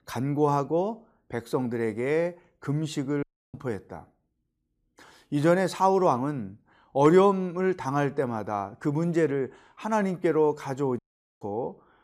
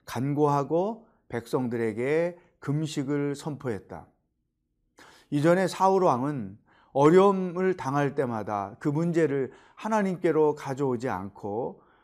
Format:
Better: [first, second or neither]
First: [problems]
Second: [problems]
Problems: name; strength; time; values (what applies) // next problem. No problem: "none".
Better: second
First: audio cutting out; at 3 s and at 11 s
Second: none